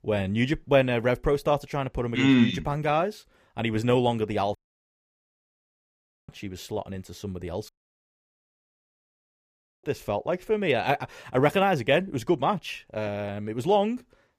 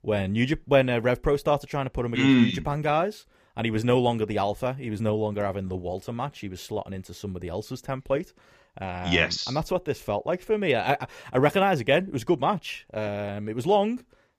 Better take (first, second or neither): second